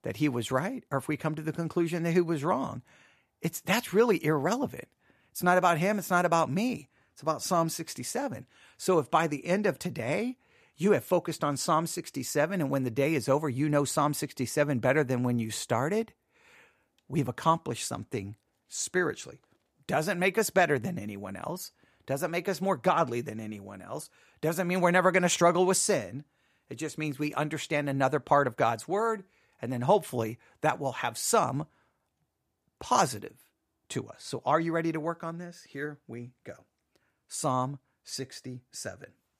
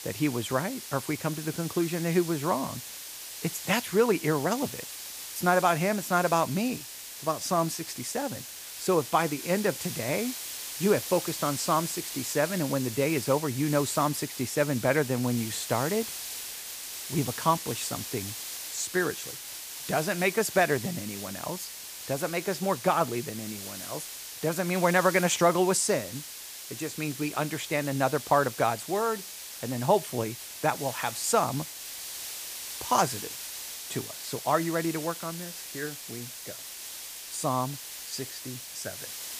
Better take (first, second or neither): first